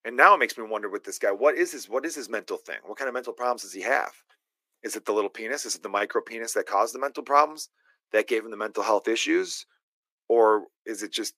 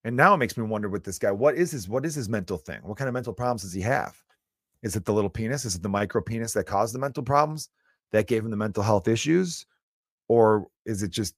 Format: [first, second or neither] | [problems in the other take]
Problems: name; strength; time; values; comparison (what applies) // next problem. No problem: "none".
second | thin; very; fading below 300 Hz